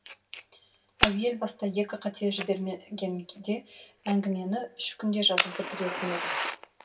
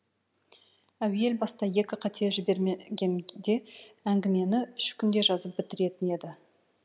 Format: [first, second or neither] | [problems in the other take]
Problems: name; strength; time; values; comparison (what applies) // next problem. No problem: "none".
second | background sound (Fire); 4 dB below the speech // room echo; dies away in 0.1 s